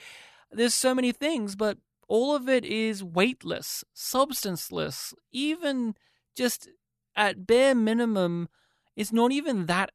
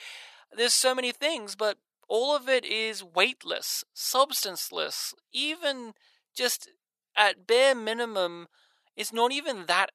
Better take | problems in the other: first | thin; somewhat; fading below 600 Hz

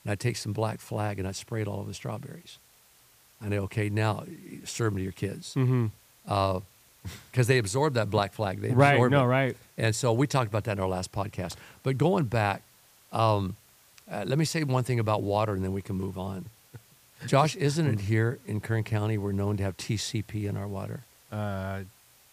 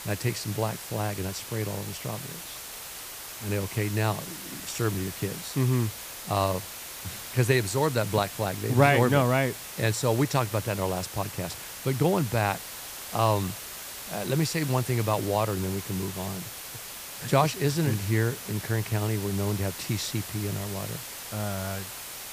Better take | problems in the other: first | hiss; loud; throughout; 9 dB below the speech; faint in the first

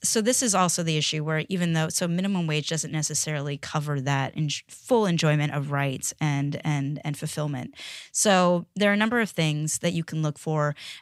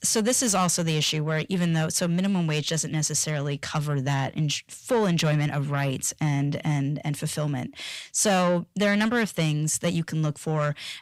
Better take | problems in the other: first | distortion; slight; 10 dB below the speech

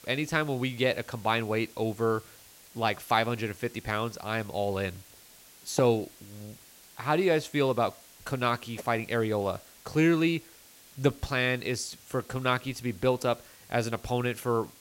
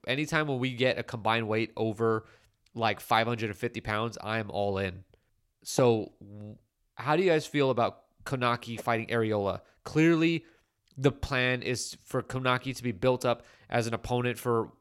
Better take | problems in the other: second | hiss; faint; throughout; 20 dB below the speech

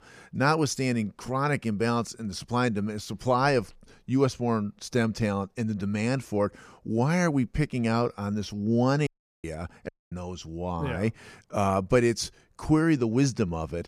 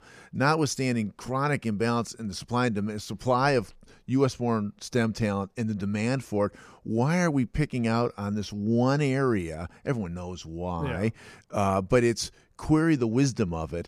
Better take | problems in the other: second | audio cutting out; at 9 s and at 10 s

